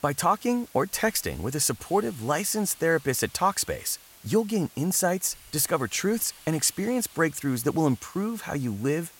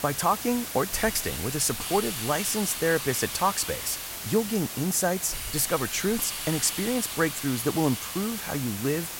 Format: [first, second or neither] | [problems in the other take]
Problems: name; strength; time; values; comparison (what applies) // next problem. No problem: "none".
first | hiss; loud; throughout; 5 dB below the speech; faint in the first